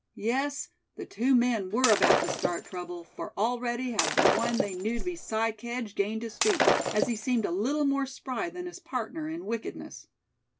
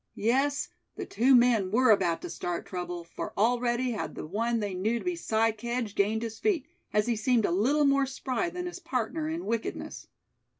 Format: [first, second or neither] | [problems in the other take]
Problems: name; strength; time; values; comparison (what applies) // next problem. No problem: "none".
second | background sound (Whoosh, swoosh, swish + Shatter); 1 dB above the speech